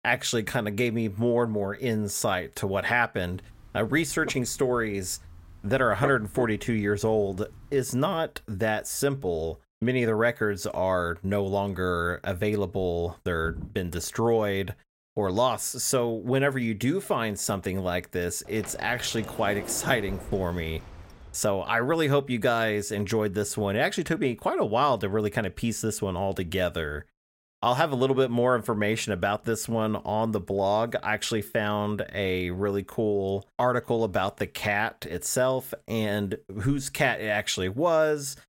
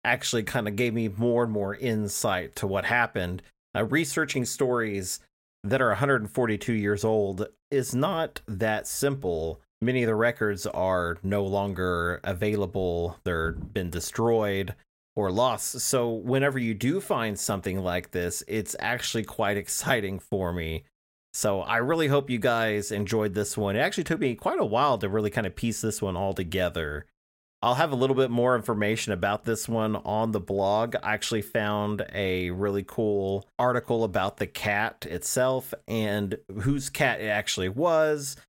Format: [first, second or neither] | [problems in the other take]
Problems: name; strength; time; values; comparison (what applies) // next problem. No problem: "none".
second | dog barking; noticeable; from 4 to 7 s; peak 8 dB below the speech // door banging; faint; from 18 to 21 s; peak 10 dB below the speech